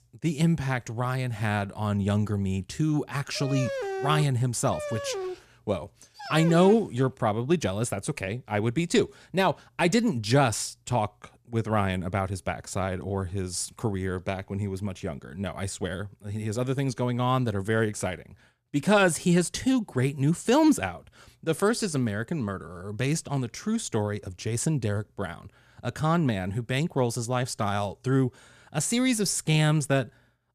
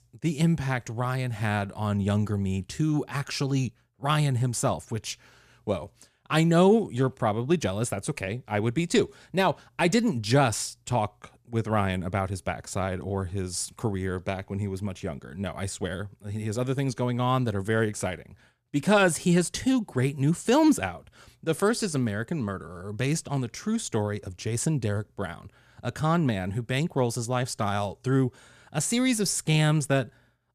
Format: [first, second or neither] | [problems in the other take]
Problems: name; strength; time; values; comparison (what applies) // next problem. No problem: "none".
second | dog barking; noticeable; from 3.5 to 7 s; peak 4 dB below the speech